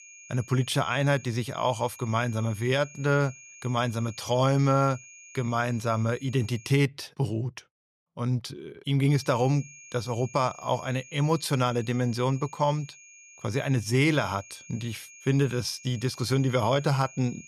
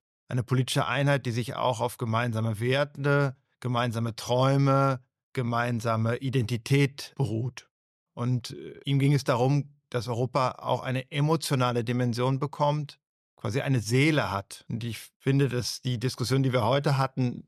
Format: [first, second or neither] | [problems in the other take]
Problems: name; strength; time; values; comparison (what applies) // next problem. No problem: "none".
second | high-pitched whine; noticeable; until 7 s and from 9 s on; 6.5 kHz, 20 dB below the speech